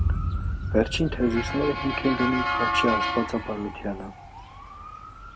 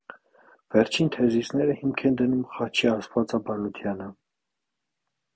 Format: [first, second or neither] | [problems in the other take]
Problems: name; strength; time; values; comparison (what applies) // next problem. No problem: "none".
second | background sound (Motor vehicle (road) / Siren + Boom); 1 dB below the speech